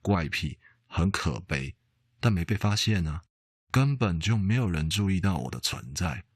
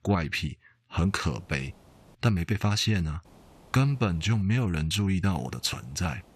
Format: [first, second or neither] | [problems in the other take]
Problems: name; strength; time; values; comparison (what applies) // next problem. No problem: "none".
first | hiss; faint; from 1 to 2 s, from 3.5 to 4.5 s and from 5.5 s on; 30 dB below the speech